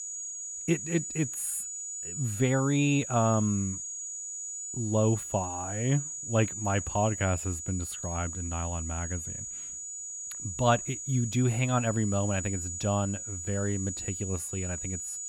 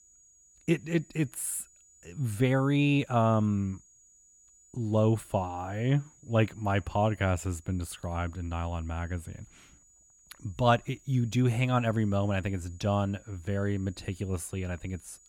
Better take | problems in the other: second | high-pitched whine; loud; throughout; 7 kHz, 5 dB below the speech; faint in the second

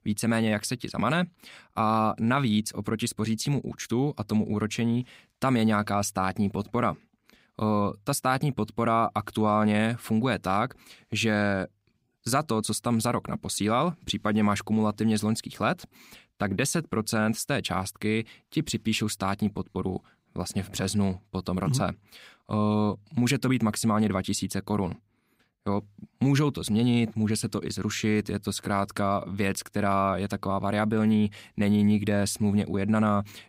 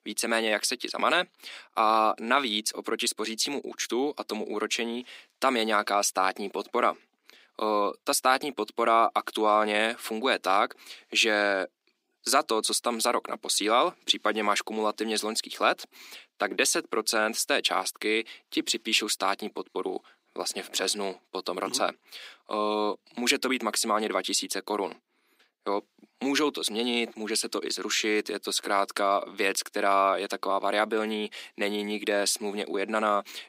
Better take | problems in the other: first | thin; somewhat; fading below 300 Hz

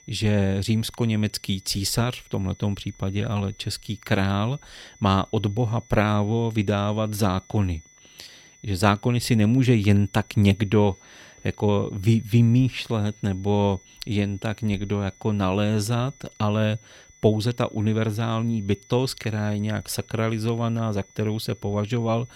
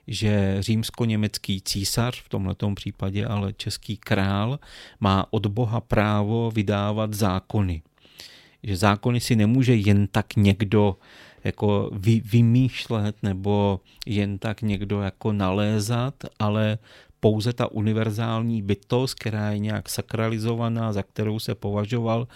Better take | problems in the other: second | high-pitched whine; faint; throughout; 6 kHz, 25 dB below the speech

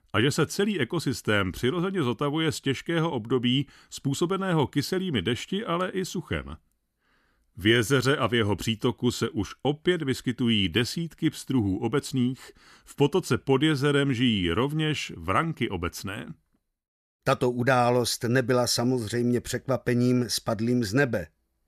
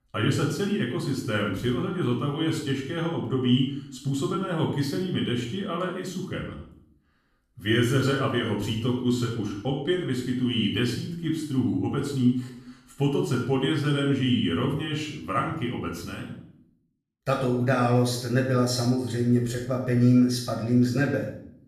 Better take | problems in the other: first | off-mic speech; far // room echo; noticeable; dies away in 0.6 s

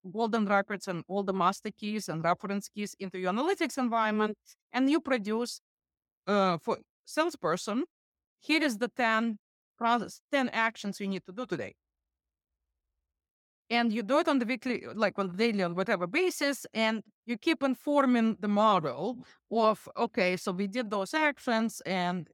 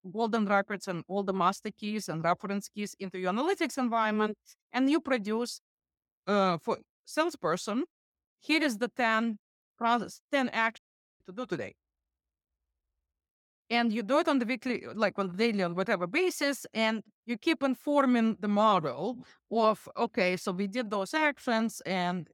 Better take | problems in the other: first | audio cutting out; at 11 s

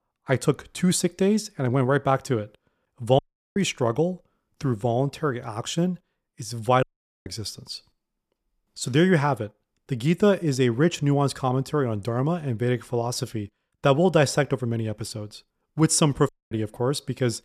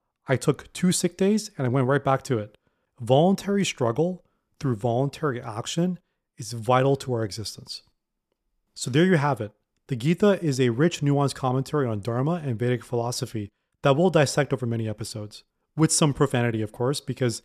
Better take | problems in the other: second | audio cutting out; at 3 s, at 7 s and at 16 s

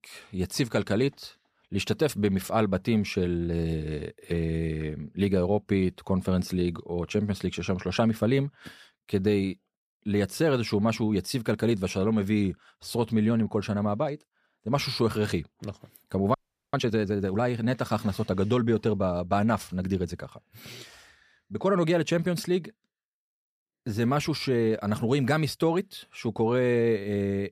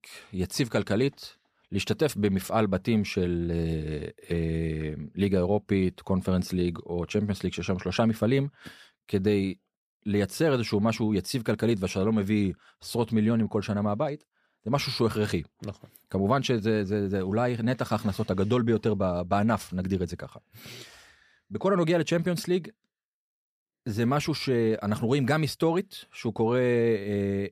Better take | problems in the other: second | audio freezing; at 16 s

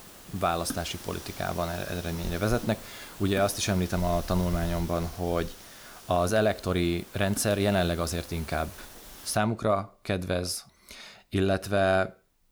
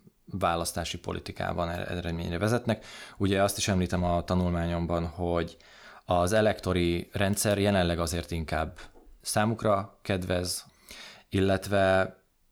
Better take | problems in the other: second | hiss; noticeable; until 9.5 s; 15 dB below the speech

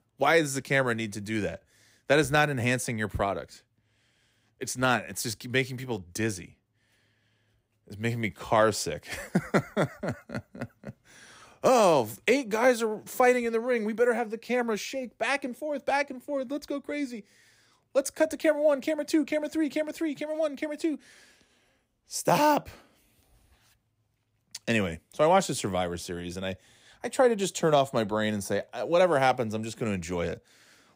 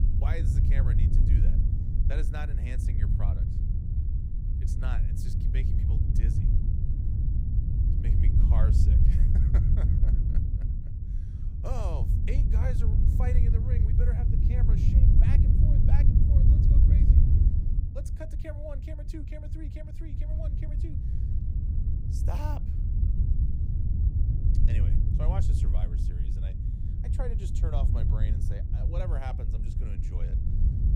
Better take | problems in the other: first | wind noise on the microphone; heavy; 1 dB above the speech

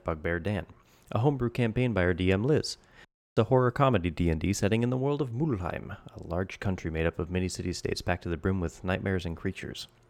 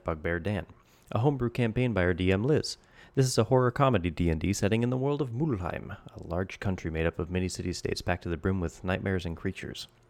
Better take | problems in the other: second | audio cutting out; at 3 s

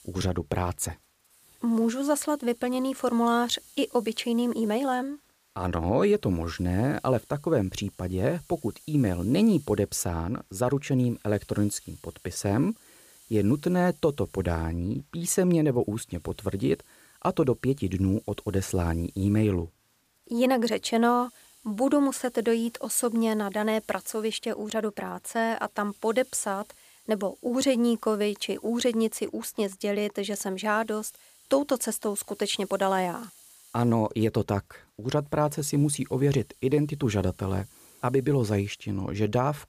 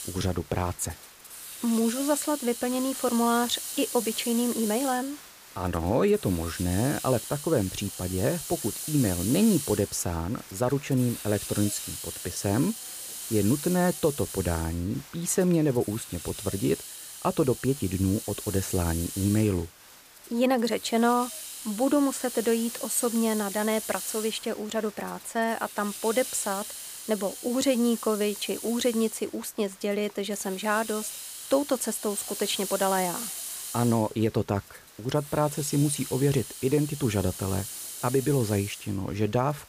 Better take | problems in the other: first | hiss; loud; throughout; 8 dB below the speech; faint in the first

